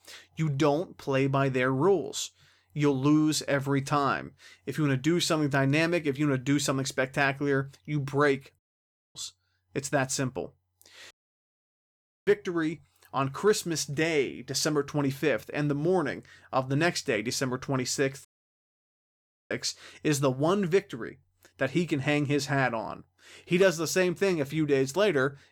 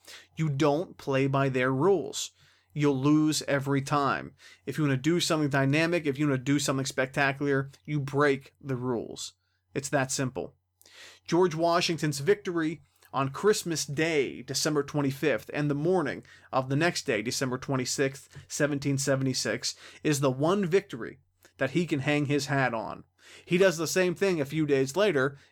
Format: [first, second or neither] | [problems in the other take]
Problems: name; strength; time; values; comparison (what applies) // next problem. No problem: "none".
second | audio cutting out; at 8.5 s for 0.5 s, at 11 s for 1 s and at 18 s for 1.5 s